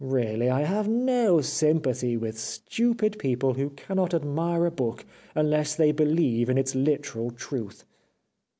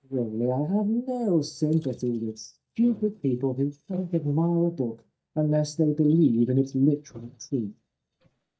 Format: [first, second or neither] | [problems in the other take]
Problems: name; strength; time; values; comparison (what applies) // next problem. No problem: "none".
first | noise reduction (neural mask model DeepFilterNet 3)